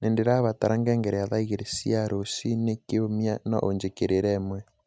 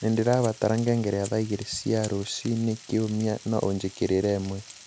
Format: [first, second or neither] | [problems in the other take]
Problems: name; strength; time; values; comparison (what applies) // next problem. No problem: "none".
first | background sound (Fire + Frying (food)); 19 dB below the speech